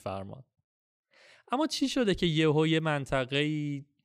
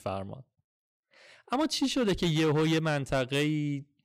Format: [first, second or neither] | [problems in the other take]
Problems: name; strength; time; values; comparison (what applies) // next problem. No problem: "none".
first | distortion; slight; 8% of the sound clipped